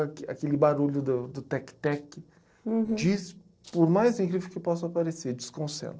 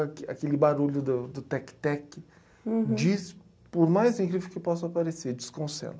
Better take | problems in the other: second | noise reduction (neural separator model SepFormer DNS4)

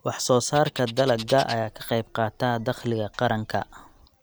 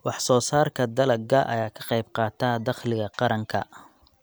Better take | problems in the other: second | background sound (Bird); 17 dB below the speech

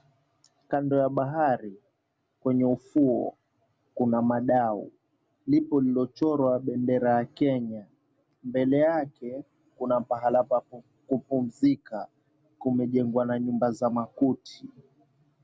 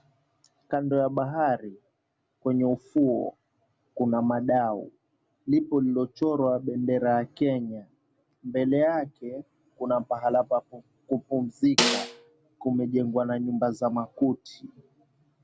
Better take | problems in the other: first | background sound (Snare drum); 1 dB below the speech

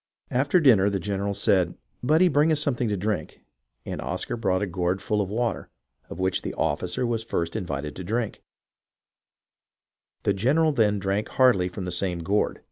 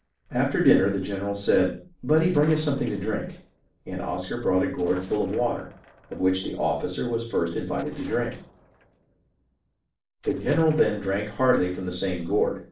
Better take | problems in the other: first | noise reduction (neural separator model SepFormer DNS4)

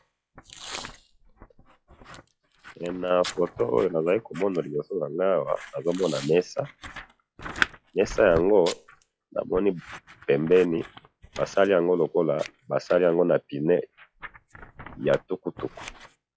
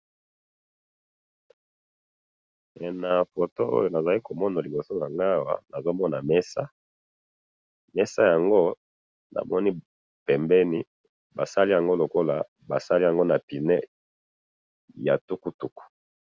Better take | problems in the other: second | noise reduction (classical method log-MMSE)

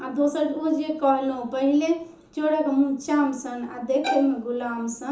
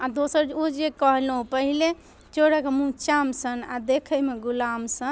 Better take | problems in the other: second | background sound (Bowed string instrument); 5 dB below the speech // room echo; dies away in 0.7 s

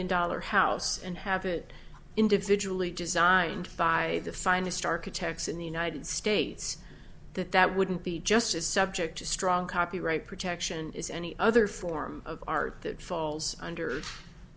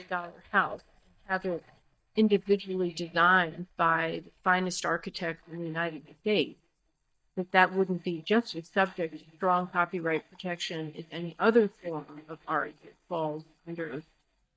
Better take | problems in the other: first | noise reduction (neural mask model DeepFilterNet 3)

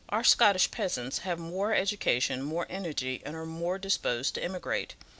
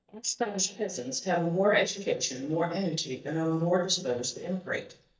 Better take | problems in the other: first | noise reduction (neural mask model DeepFilterNet 3)

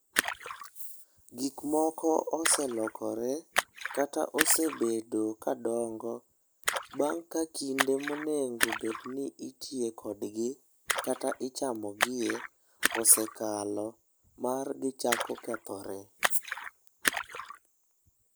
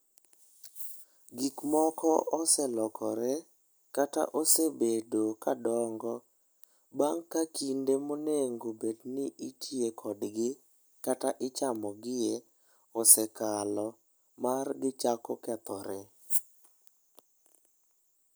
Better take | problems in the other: second | background sound (Splash, splatter); 5 dB below the speech

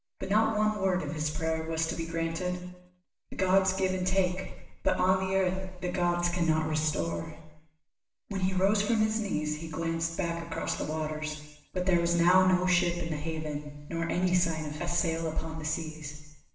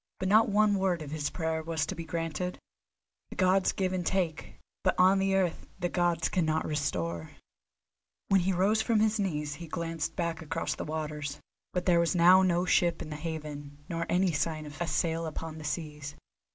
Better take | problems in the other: second | room echo; dies away in 0.9 s

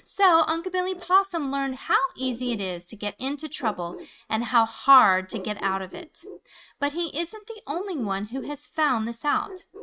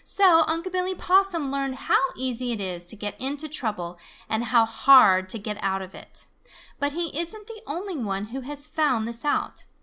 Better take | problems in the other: second | noise reduction (neural mask model RNNoise)

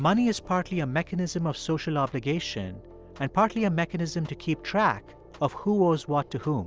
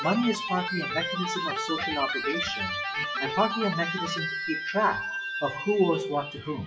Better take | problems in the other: first | noise reduction (classical method WPE with log-MMSE)

